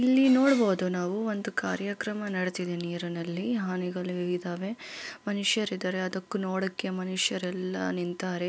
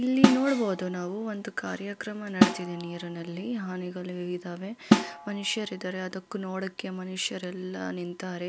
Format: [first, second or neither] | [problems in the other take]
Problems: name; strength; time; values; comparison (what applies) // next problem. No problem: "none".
first | background sound (Snare drum); 2 dB above the speech